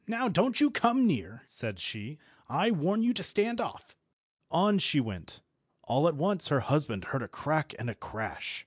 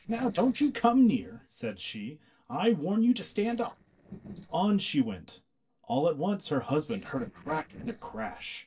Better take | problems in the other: first | noise reduction (neural separator model SepFormer DNS4)

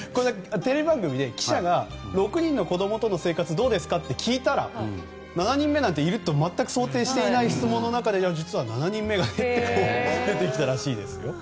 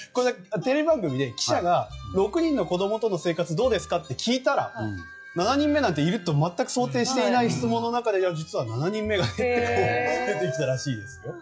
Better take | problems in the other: first | noise reduction (classical method log-MMSE)

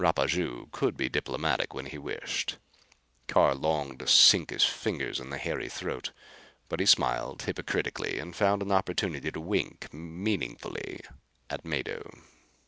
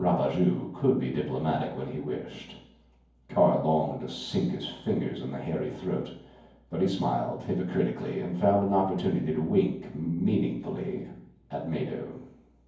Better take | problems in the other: first | room echo; dies away in 0.9 s

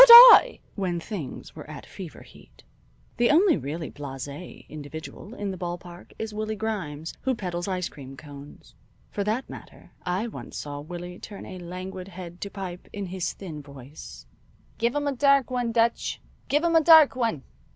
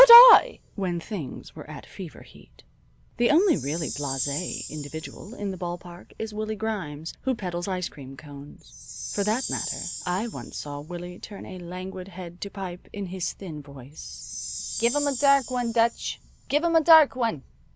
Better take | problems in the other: first | background sound (Chime); 14 dB below the speech

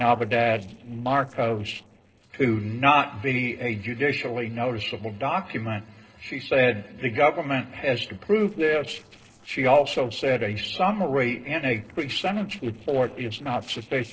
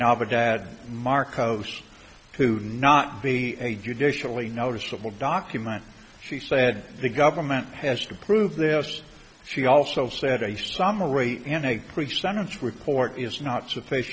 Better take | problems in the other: second | noise reduction (neural separator model SepFormer DNS4)

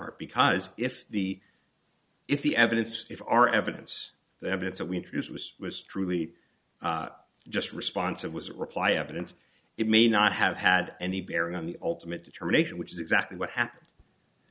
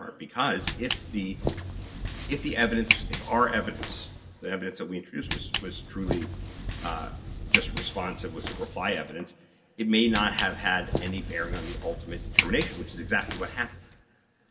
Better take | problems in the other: first | background sound (Walk, footsteps); 2 dB below the speech // room echo; dies away in 1.5 s

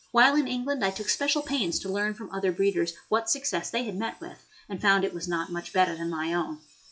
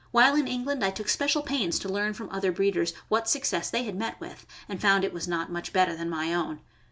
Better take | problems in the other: second | noise reduction (classical method log-MMSE)

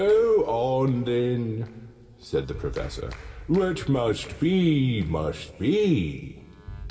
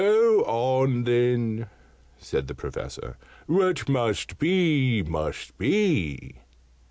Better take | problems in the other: second | background sound (Clapping); 19 dB below the speech // room echo; dies away in 2.8 s

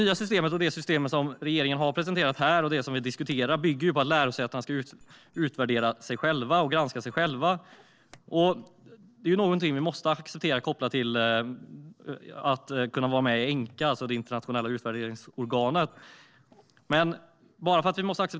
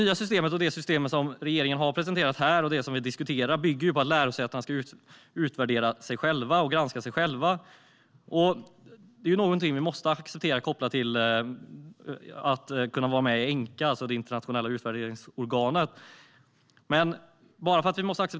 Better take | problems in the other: second | noise reduction (neural separator model SepFormer DNS4)

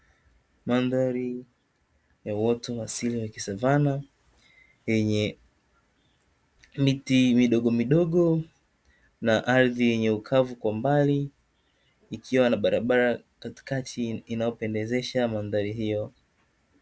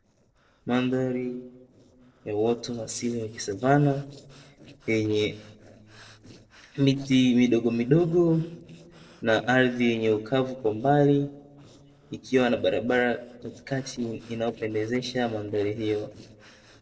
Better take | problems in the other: first | noise reduction (neural separator model SepFormer DNS4)

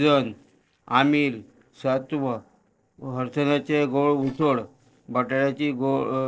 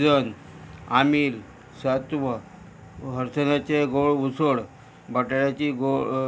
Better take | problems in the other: second | noise reduction (neural separator model SepFormer DNS4)

